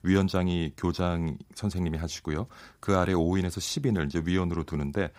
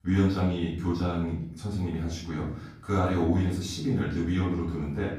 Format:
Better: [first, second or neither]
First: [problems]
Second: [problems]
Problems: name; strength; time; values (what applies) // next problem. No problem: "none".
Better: first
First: none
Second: off-mic speech; far // room echo; noticeable; dies away in 0.6 s